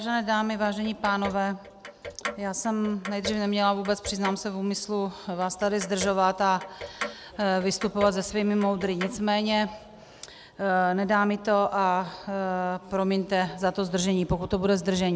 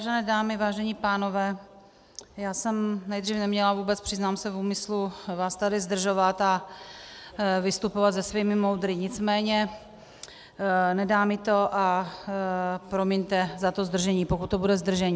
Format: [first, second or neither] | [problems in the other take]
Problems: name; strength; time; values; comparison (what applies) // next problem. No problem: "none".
second | background sound (Clock); 13 dB below the speech